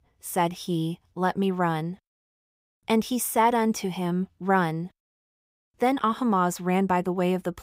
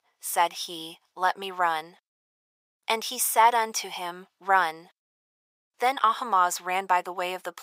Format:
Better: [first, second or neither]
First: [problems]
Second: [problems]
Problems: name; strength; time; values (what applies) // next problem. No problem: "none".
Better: first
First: none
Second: thin; very; fading below 850 Hz